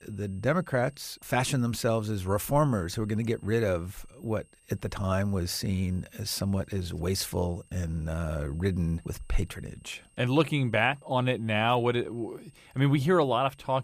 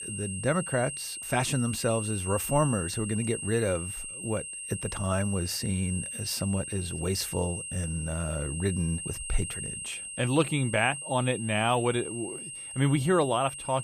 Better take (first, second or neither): first